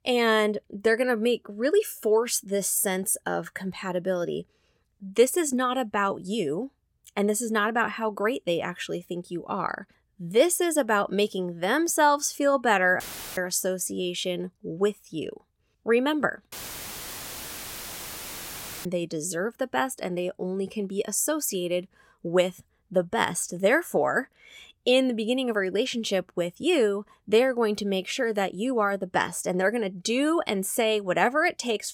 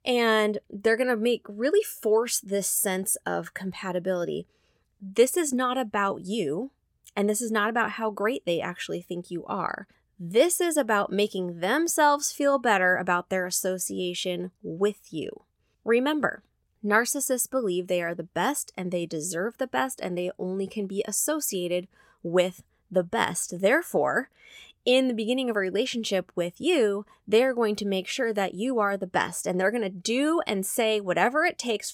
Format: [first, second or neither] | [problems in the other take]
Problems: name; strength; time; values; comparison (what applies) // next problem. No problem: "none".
second | audio cutting out; filled with static; at 13 s and at 17 s for 2.5 s